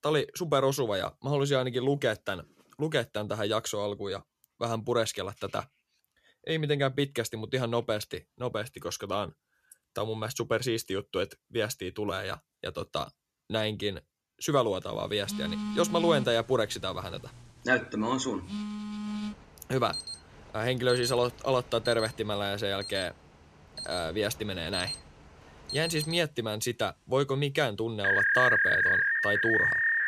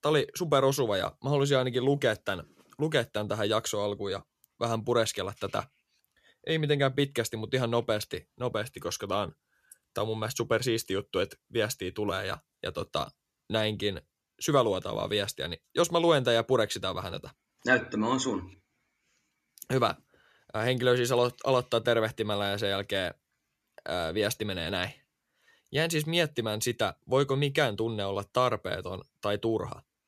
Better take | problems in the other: second | alarms or sirens; very loud; from 15 s on; 1 dB above the speech

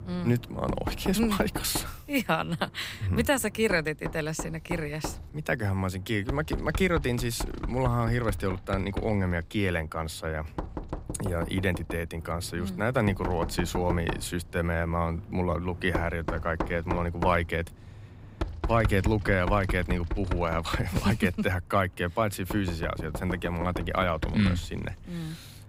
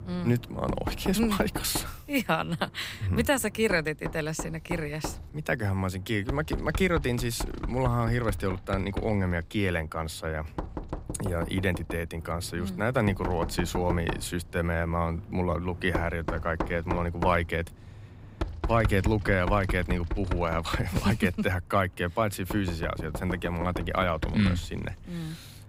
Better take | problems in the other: neither | household noises; loud; throughout; 8 dB below the speech; the same in both

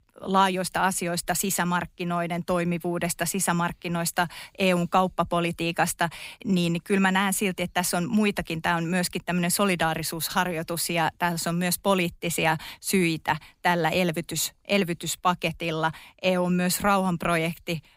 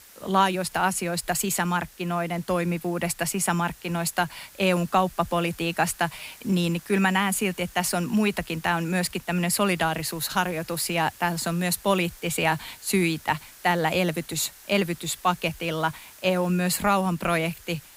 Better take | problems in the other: first | hiss; faint; throughout; 20 dB below the speech

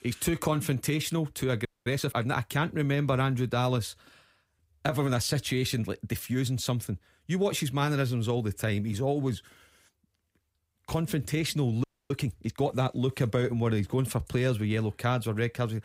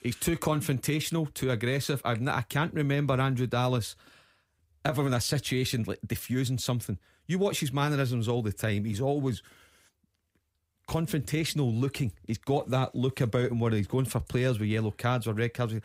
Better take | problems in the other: second | audio freezing; at 1.5 s and at 12 s

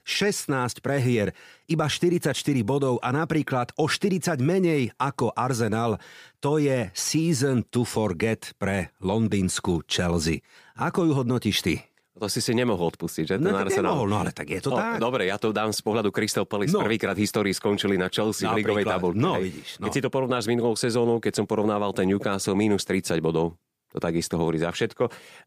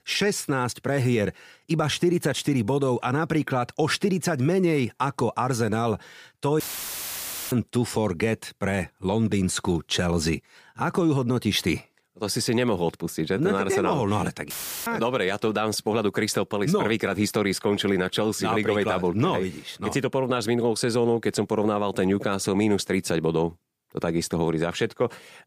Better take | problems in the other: first | audio cutting out; filled with static; at 6.5 s for 1 s and at 15 s

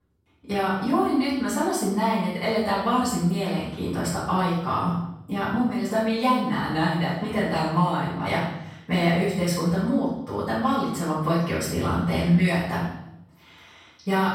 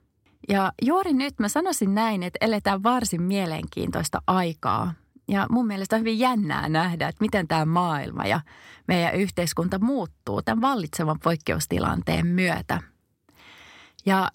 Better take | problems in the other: second | off-mic speech; far // room echo; noticeable; dies away in 0.7 s

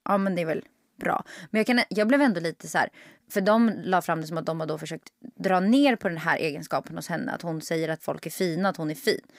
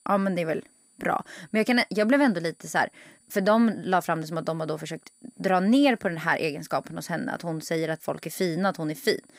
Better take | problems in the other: first | high-pitched whine; faint; throughout; 9 kHz, 30 dB below the speech

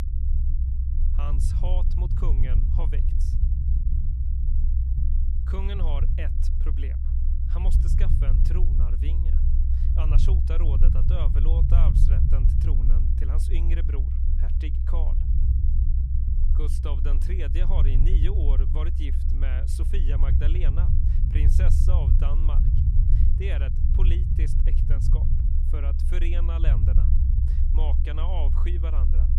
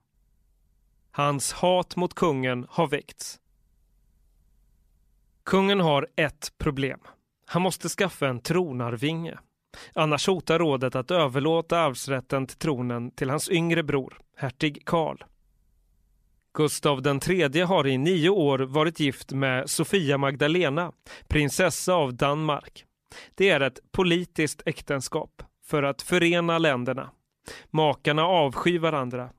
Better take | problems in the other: second | low rumble; loud; throughout; 2 dB below the speech

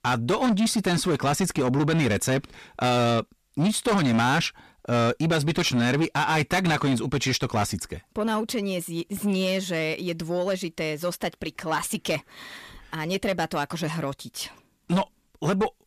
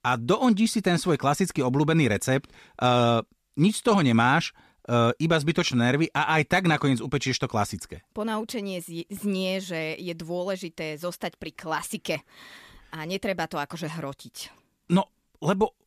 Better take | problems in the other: second | distortion; heavy; 8 dB below the speech

